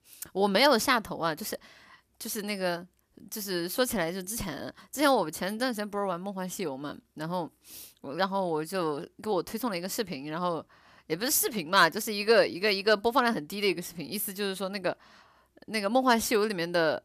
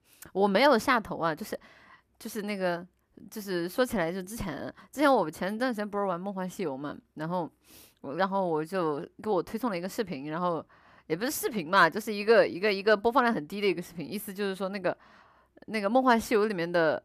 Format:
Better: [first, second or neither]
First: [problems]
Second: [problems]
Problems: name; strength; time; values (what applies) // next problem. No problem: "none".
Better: first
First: none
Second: muffled; slightly; fading above 3 kHz